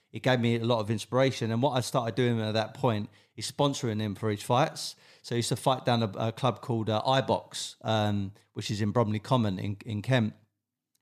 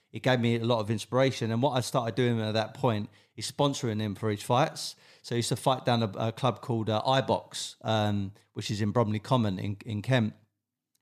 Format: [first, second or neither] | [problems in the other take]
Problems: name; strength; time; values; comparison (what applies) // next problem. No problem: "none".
neither | none